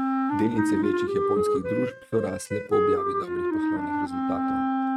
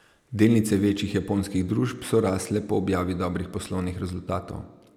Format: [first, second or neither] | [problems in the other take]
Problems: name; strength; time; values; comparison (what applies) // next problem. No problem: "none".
second | noise reduction (neural mask model RNNoise)